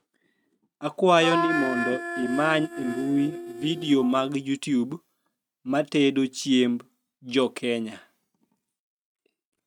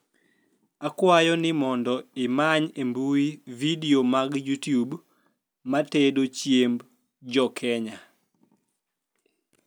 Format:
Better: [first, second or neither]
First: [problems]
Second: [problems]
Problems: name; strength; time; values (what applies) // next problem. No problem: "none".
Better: second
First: noise reduction (neural mask model RNNoise)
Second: none